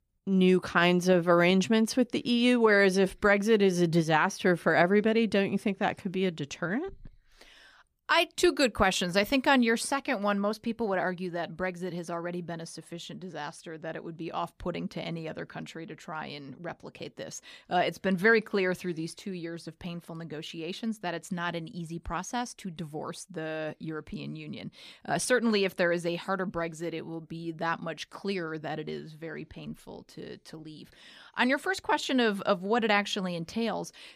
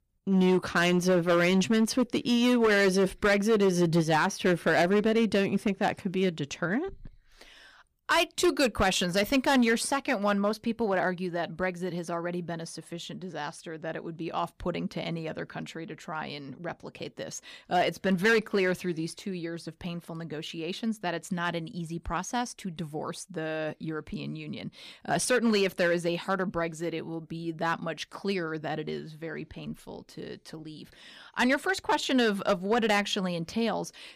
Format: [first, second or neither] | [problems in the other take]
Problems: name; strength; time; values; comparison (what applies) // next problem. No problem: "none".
first | distortion; slight; 4% of the sound clipped